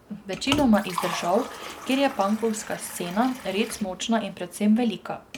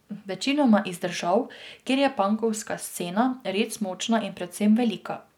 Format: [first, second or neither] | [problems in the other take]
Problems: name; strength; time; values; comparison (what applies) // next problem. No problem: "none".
second | background sound (Liquid); 11 dB below the speech